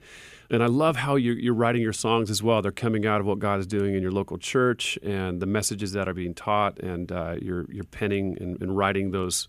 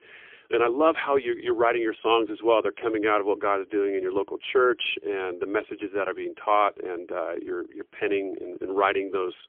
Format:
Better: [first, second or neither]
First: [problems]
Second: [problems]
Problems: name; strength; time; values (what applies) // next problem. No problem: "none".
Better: first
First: none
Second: phone-call audio; poor line; nothing above 3.5 kHz